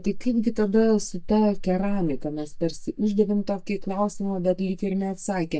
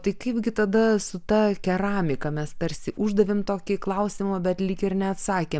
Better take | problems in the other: second | noise reduction (neural mask model DeepFilterNet 3)

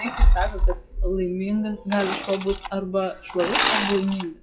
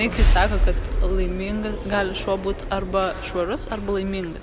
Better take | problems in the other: second | noise reduction (classical method WPE with log-MMSE)

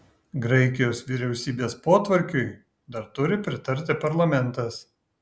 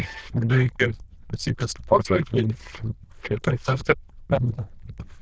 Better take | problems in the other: first | noise reduction (neural diffusion model UNIVERSE++)

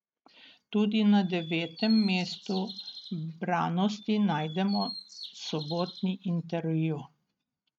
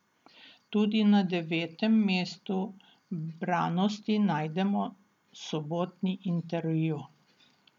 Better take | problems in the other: second | noise reduction (neural mask model RNNoise)

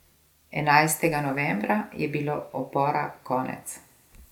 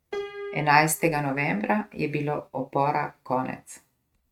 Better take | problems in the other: first | noise reduction (neural mask model RNNoise)

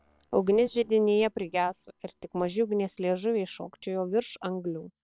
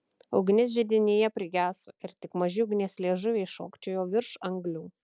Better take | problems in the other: second | noise reduction (neural separator model SepFormer WHAM!)

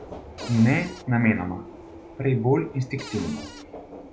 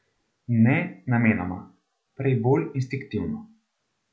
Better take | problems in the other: second | background sound (Subway, metro, underground + Cupboard open or close); 15 dB below the speech

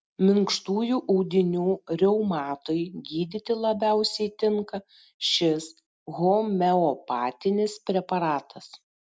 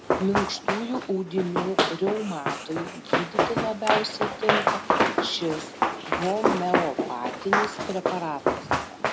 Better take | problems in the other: first | background sound (Run); 3 dB above the speech

